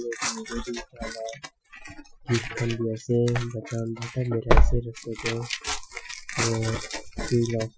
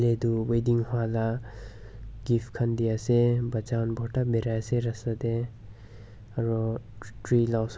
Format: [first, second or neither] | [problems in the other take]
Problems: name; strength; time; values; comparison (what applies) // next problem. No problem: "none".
second | noise reduction (classical method Wiener filter)